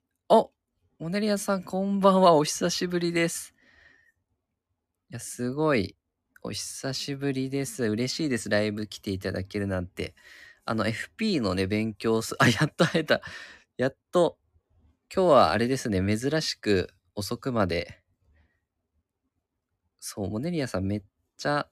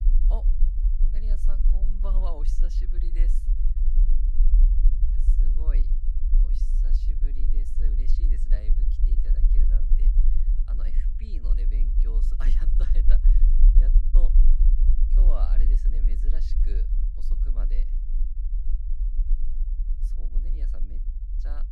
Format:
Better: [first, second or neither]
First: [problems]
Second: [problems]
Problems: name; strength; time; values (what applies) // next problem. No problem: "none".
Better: first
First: none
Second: low rumble; loud; throughout; 2 dB below the speech